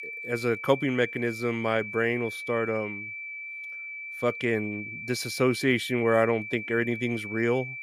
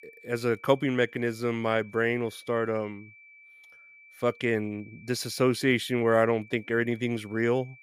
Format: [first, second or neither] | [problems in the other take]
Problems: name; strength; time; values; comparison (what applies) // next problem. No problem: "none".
second | high-pitched whine; loud; throughout; 2.5 kHz, 8 dB below the speech; faint in the second